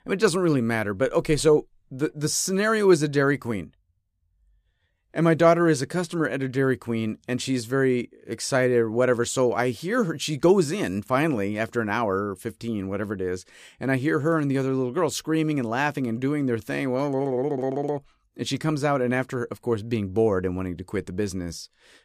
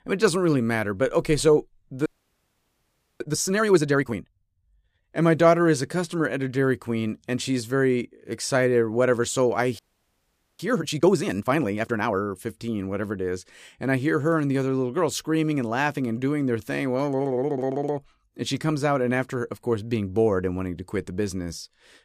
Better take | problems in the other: first | audio freezing; at 2 s for 1 s and at 10 s for 1 s

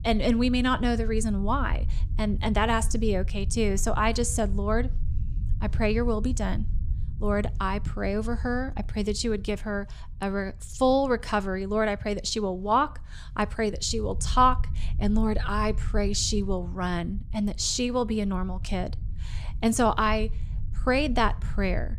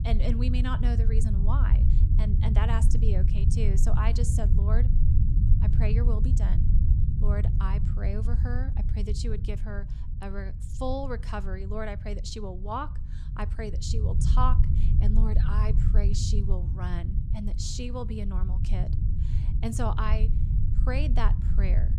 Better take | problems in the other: first | low rumble; loud; throughout; 6 dB below the speech; faint in the first

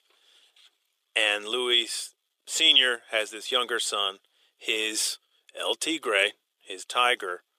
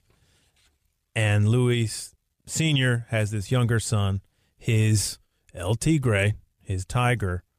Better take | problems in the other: second | thin; very; fading below 350 Hz

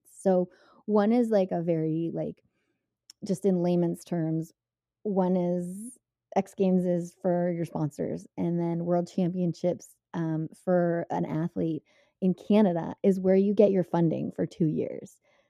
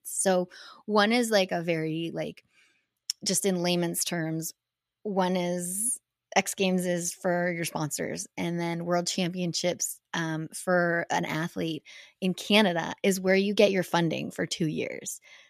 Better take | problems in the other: second | muffled; very; fading above 1 kHz

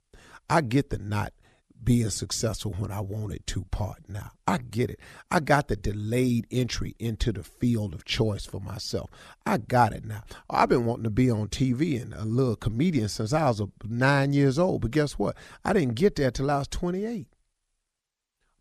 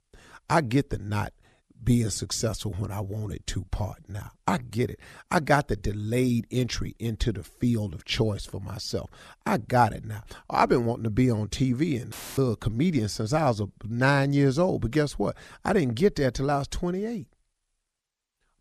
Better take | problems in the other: first | audio cutting out; filled with static; at 12 s

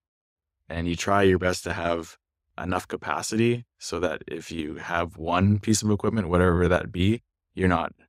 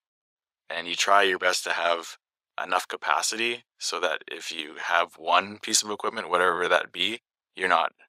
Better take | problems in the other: first | thin; very; fading below 800 Hz

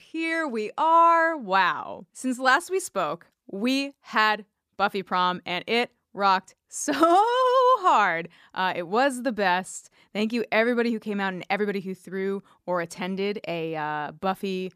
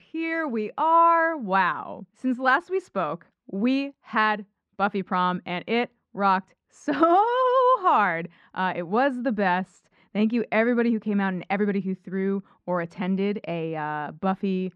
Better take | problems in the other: first | muffled; slightly; fading above 2.5 kHz

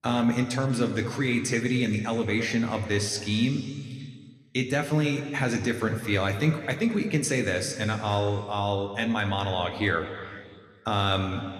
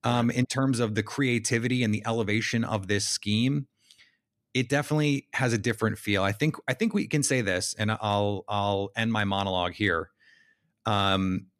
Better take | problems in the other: second | room echo; slight; dies away in 2.4 s

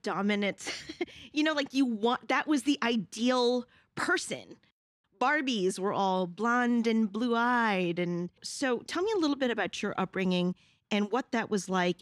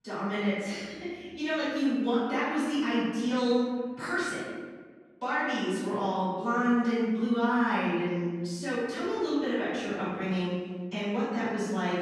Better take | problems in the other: first | room echo; strong; dies away in 1.4 s // off-mic speech; far

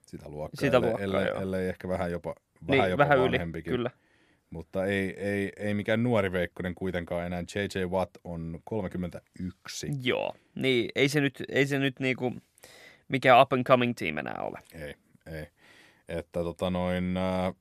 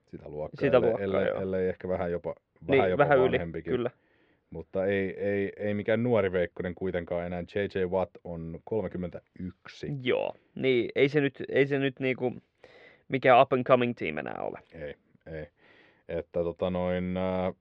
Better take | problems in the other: first | muffled; slightly; fading above 3.5 kHz

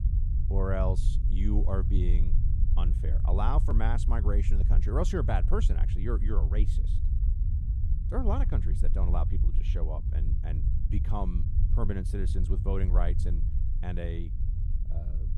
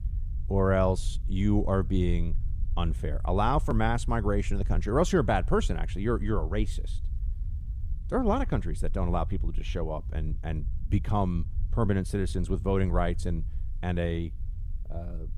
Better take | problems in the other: second | low rumble; loud; throughout; 9 dB below the speech; faint in the second

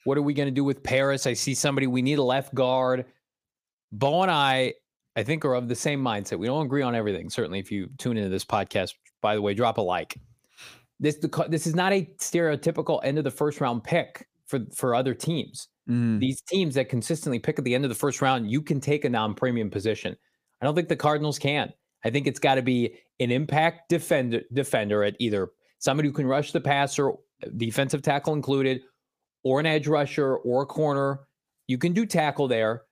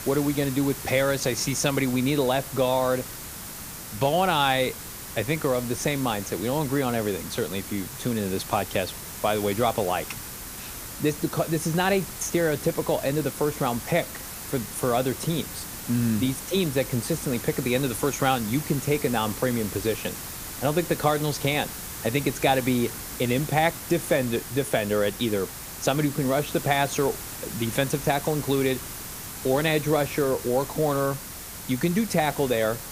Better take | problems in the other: first | hiss; loud; throughout; 9 dB below the speech

